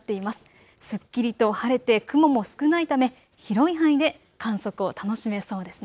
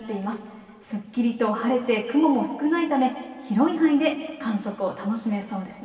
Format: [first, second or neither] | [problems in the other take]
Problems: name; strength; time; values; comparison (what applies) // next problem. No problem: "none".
first | room echo; dies away in 2.3 s